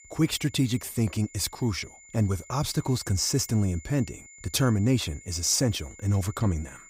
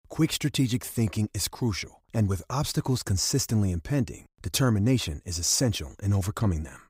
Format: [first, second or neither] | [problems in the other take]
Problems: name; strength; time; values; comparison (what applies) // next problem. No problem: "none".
second | high-pitched whine; faint; throughout; 7 kHz, 20 dB below the speech